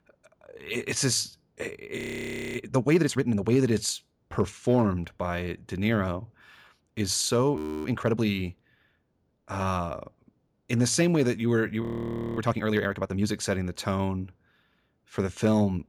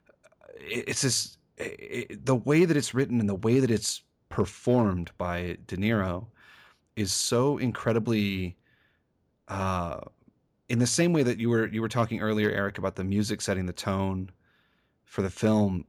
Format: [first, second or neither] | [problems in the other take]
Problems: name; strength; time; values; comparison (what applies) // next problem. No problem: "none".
second | audio freezing; at 2 s for 0.5 s, at 7.5 s and at 12 s for 0.5 s